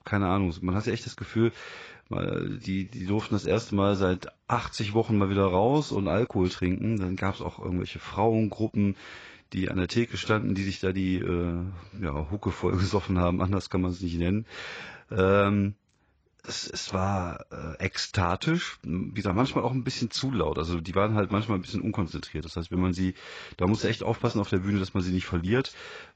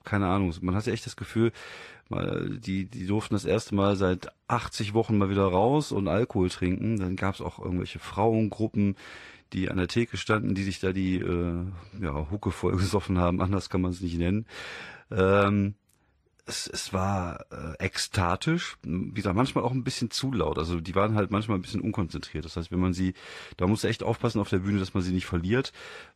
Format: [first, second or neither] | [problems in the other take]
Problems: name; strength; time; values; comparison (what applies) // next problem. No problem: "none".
second | garbled, watery; badly; nothing above 7.5 kHz; slightly in the second